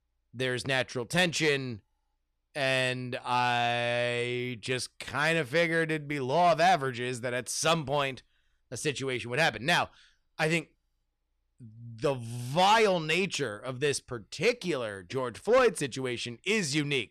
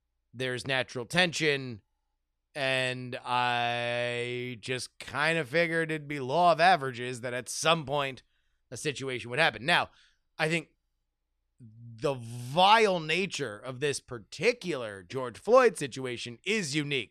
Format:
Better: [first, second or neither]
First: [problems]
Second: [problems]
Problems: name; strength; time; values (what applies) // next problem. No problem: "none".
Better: second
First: distortion; slight; 10 dB below the speech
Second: none